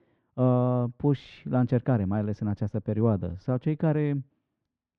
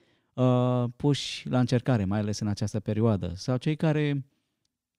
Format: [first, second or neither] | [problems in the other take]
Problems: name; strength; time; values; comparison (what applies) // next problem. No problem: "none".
second | muffled; very; fading above 4 kHz